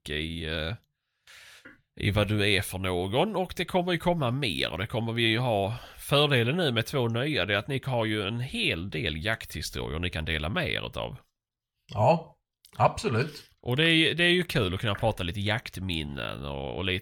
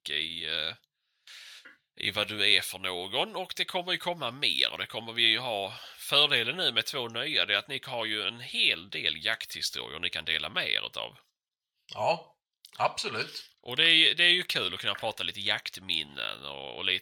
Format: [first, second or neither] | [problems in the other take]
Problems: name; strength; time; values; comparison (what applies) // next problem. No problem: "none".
first | thin; somewhat; fading below 800 Hz